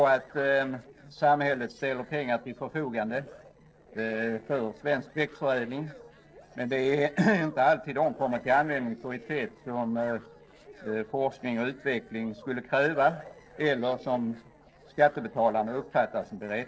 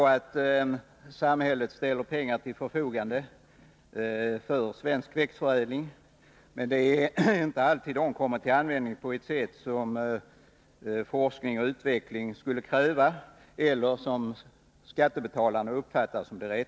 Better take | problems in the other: second | noise reduction (neural separator model SepFormer DNS4)

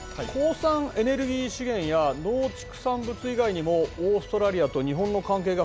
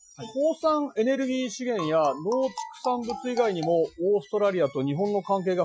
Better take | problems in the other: first | noise reduction (classical method Wiener filter)

